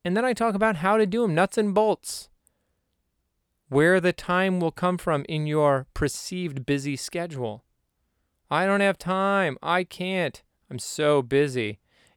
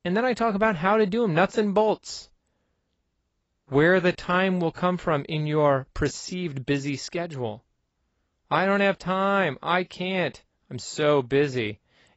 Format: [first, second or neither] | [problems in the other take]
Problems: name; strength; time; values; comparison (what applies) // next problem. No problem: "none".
first | garbled, watery; badly; nothing above 7.5 kHz